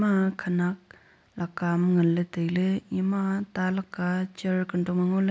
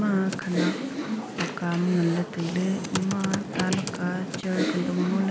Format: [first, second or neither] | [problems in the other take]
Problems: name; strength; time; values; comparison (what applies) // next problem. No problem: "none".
first | background sound (Computer keyboard); 4 dB below the speech